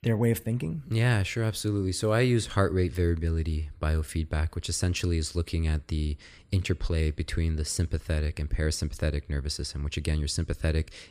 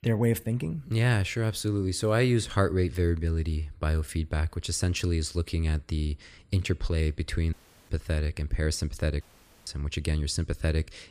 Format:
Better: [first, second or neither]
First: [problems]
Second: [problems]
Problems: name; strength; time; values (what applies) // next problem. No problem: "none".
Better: first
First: none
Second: audio cutting out; at 7.5 s and at 9 s